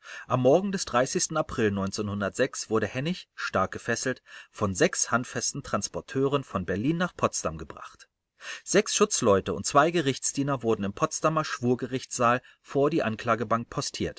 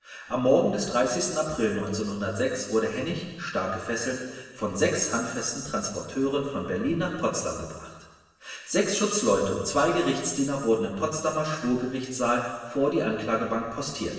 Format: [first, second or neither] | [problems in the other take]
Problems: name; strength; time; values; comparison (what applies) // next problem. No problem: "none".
first | room echo; dies away in 1.3 s